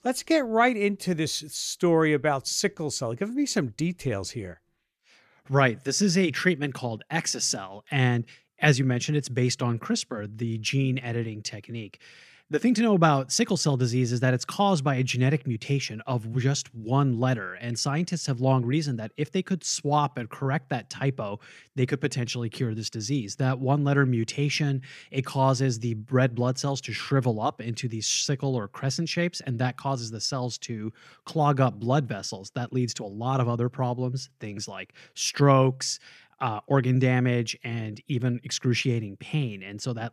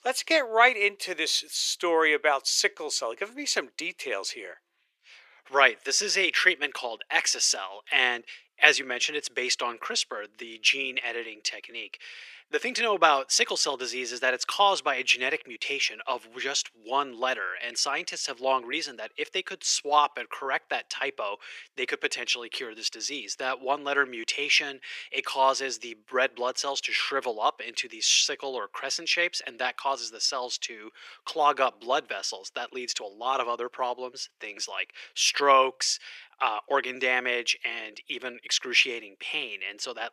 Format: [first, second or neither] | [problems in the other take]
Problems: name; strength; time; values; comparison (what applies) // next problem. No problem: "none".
first | thin; very; fading below 400 Hz